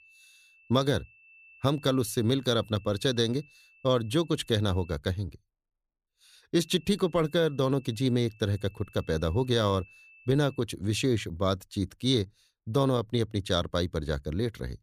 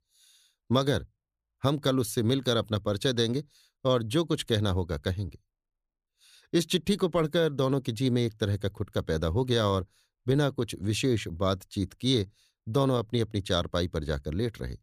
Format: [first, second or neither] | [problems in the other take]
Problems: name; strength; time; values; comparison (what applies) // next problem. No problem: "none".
second | high-pitched whine; faint; until 5 s and from 6.5 to 11 s; 2.5 kHz, 30 dB below the speech